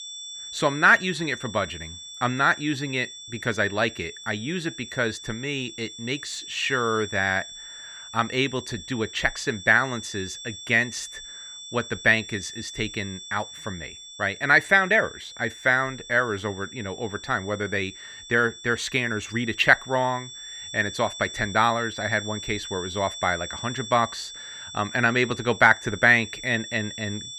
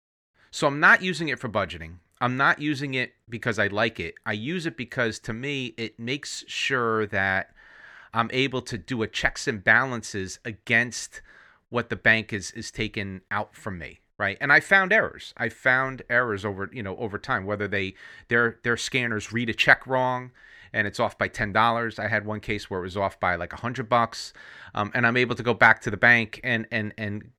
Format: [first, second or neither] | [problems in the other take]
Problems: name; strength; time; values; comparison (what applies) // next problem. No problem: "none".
second | high-pitched whine; noticeable; throughout; 3.5 kHz, 15 dB below the speech